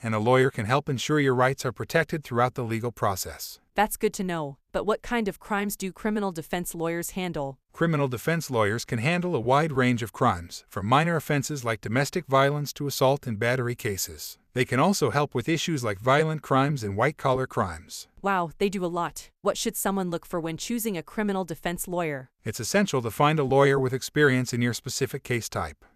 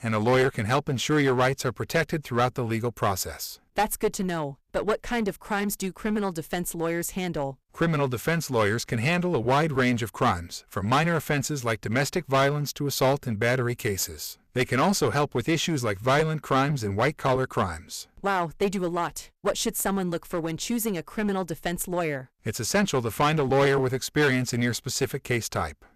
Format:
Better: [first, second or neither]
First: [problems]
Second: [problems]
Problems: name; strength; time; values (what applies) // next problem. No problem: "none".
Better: first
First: none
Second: distortion; slight; 9% of the sound clipped